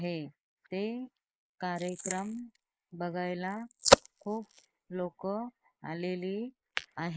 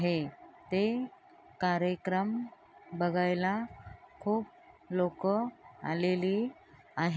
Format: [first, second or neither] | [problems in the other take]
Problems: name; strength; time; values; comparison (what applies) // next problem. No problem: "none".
second | noise reduction (neural mask model Resemble Enhance denoiser)